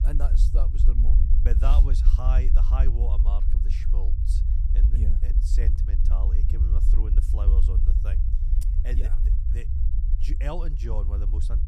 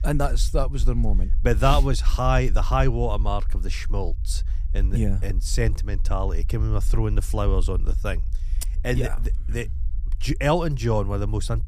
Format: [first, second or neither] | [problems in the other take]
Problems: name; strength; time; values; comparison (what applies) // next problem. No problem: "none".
second | low rumble; loud; throughout; 3 dB below the speech; faint in the second